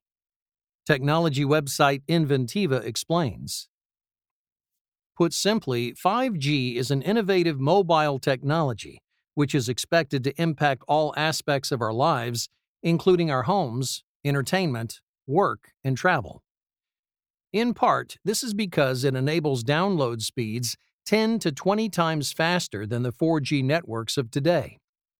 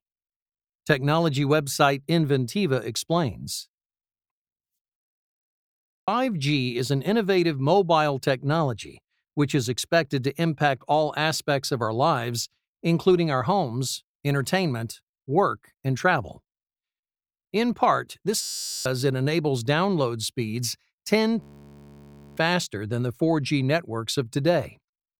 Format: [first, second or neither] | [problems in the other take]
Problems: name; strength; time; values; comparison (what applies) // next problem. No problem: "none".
first | audio freezing; at 5 s for 1 s, at 18 s and at 21 s for 1 s